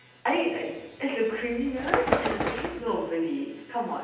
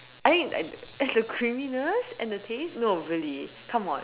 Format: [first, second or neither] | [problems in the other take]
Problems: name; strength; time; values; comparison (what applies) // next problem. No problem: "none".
second | background sound (Bird); 2 dB below the speech // room echo; dies away in 0.9 s